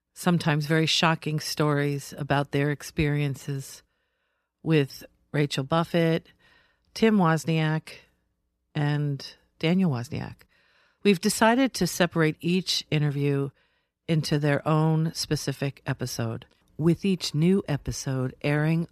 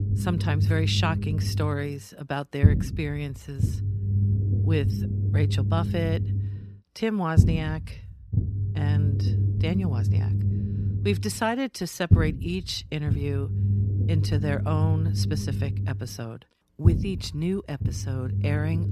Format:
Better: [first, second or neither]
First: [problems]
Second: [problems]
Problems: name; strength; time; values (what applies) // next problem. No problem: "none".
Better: first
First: none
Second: low rumble; loud; throughout; 6 dB below the speech